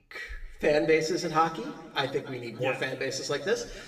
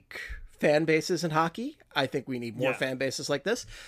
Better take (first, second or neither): second